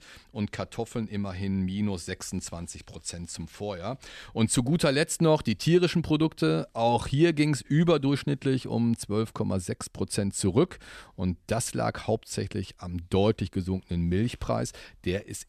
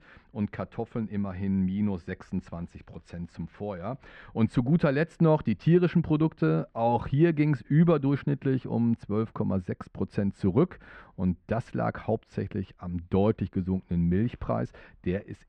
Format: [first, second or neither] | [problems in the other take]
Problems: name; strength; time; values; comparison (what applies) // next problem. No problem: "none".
first | muffled; very; fading above 1.5 kHz